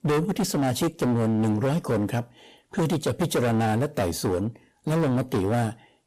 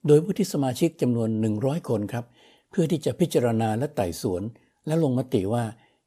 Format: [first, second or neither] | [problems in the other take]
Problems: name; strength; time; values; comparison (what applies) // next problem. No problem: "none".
second | distortion; heavy; 22% of the sound clipped